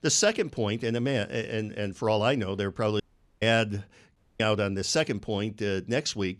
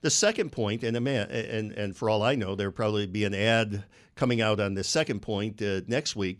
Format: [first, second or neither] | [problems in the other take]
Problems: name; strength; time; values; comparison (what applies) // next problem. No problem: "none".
second | audio cutting out; at 3 s and at 4 s